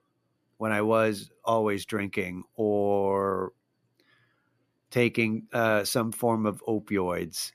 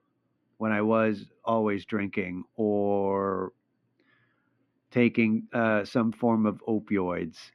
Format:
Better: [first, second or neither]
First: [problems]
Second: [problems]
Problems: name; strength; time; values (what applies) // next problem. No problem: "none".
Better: first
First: none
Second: muffled; slightly; fading above 2.5 kHz